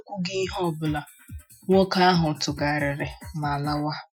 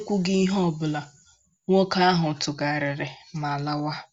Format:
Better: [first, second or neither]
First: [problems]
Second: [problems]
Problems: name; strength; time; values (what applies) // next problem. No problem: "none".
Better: second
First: noise reduction (classical method Wiener filter)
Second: none